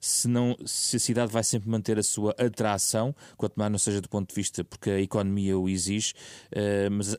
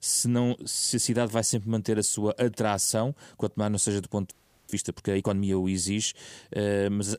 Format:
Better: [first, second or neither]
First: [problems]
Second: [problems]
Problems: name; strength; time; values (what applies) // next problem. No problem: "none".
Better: first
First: none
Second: audio freezing; at 4.5 s